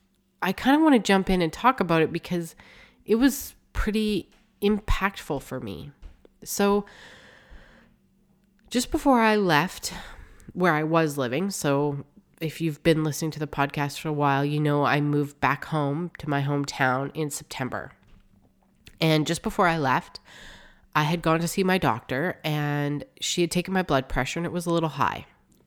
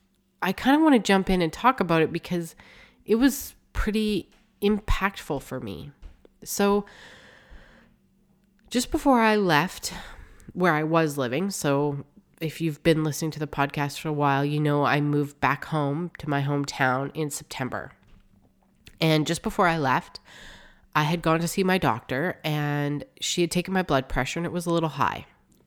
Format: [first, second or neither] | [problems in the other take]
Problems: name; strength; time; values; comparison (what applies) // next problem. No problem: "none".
neither | none